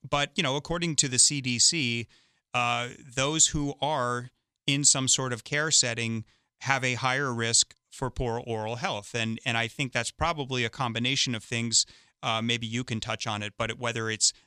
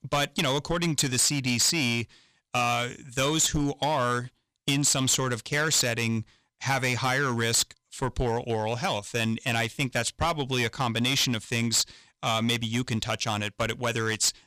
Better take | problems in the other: first | distortion; heavy; 10% of the sound clipped

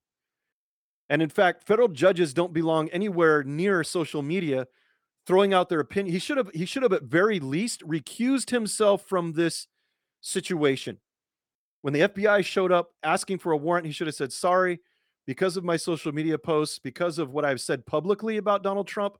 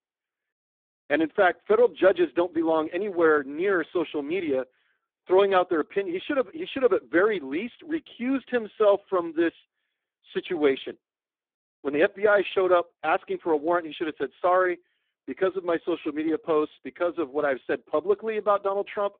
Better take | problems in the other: first | phone-call audio; poor line

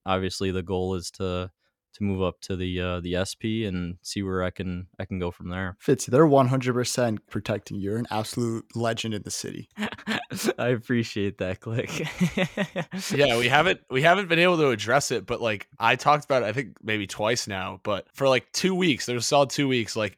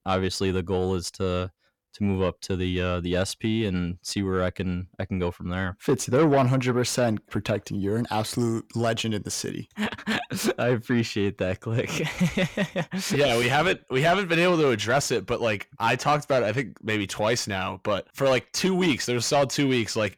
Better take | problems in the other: first | distortion; slight; 10 dB below the speech

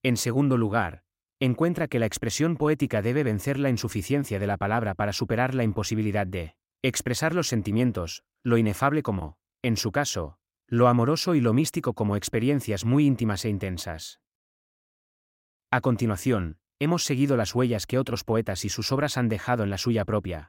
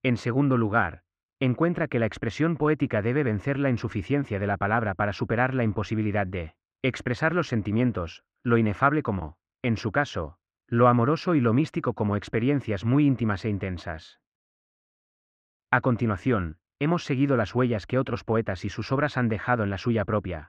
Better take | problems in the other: first | muffled; very; fading above 2.5 kHz

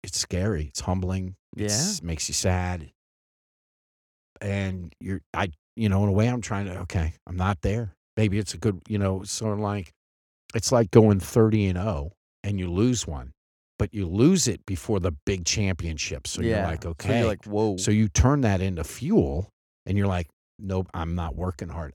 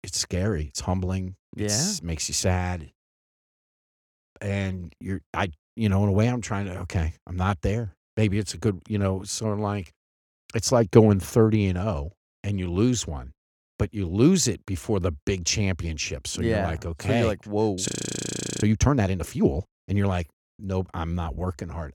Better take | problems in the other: first | audio freezing; at 18 s for 0.5 s

